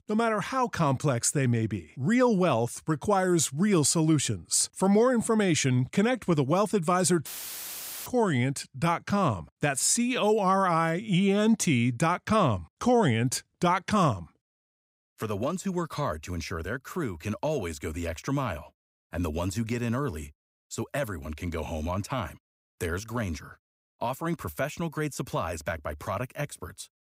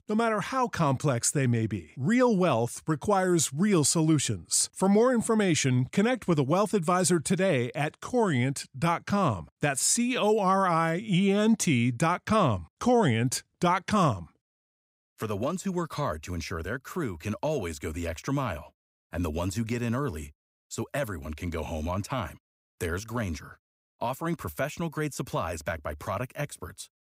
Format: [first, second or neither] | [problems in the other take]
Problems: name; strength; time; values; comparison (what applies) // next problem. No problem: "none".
second | audio cutting out; filled with static; at 7.5 s for 1 s